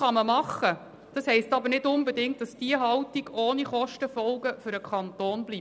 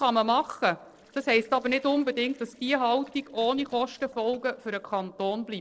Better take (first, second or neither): first